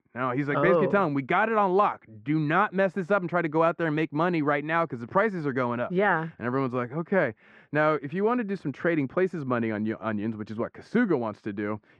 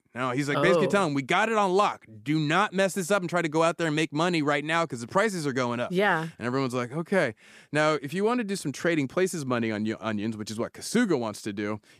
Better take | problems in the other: second | muffled; very; fading above 1.5 kHz

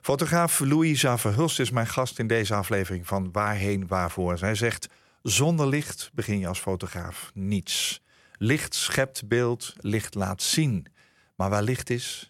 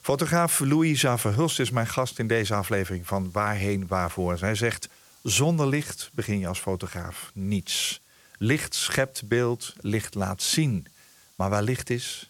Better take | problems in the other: first | hiss; faint; throughout; 30 dB below the speech

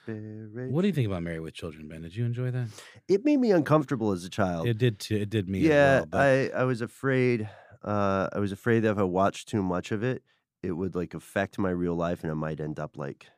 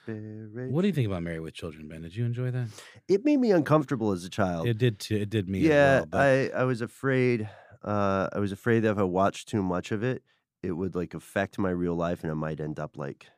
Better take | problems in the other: neither | none

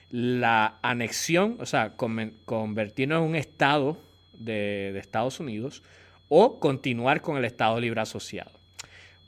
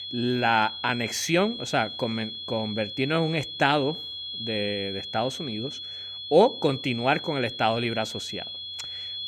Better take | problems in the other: first | high-pitched whine; loud; throughout; 3.5 kHz, 8 dB below the speech; faint in the first

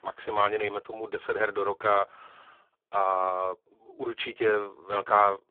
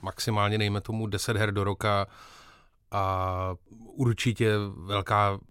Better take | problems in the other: second | phone-call audio; poor line

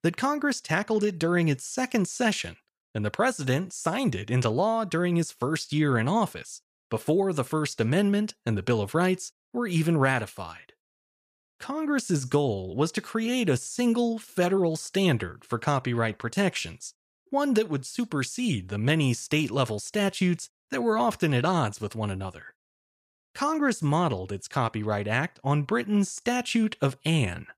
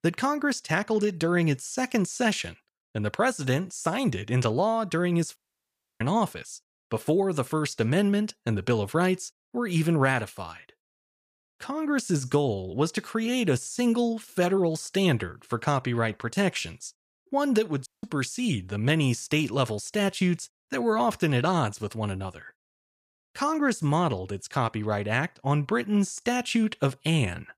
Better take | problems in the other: first | audio cutting out; at 5.5 s for 0.5 s and at 18 s

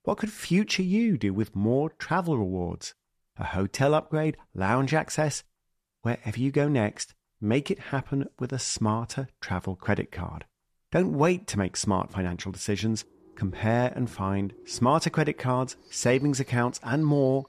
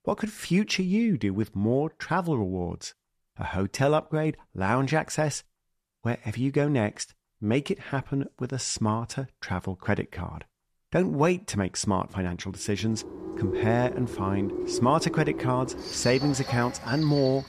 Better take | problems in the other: first | animal sounds; loud; from 13 s on; 7 dB below the speech; faint in the first

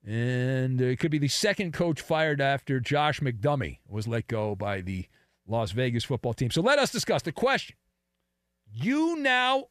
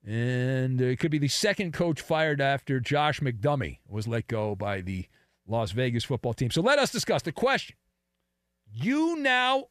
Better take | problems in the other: neither | none

